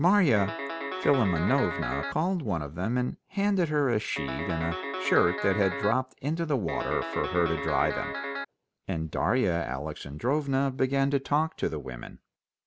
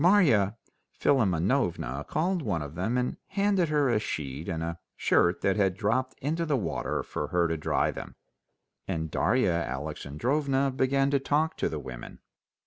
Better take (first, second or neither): second